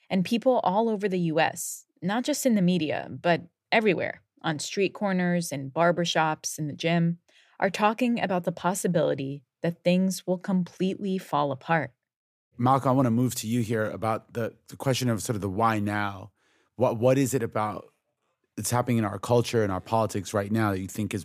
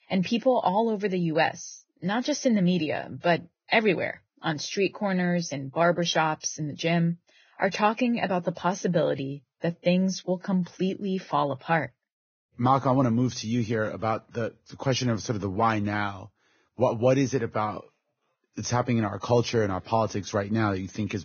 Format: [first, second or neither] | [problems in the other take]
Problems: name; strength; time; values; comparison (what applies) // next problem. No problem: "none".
first | garbled, watery; badly; nothing above 6.5 kHz